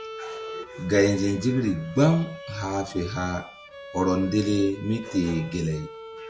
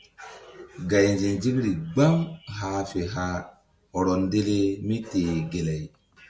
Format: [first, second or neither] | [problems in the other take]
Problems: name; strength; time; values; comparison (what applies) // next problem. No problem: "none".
second | background sound (Bowed string instrument); 15 dB below the speech